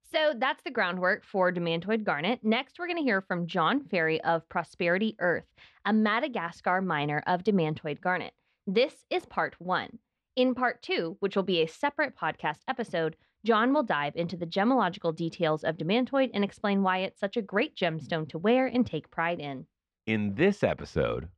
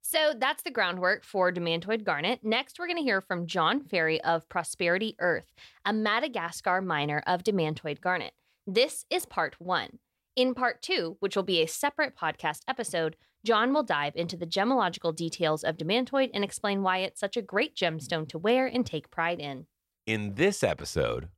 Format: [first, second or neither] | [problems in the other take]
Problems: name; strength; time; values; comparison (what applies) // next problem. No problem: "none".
second | muffled; slightly; fading above 3 kHz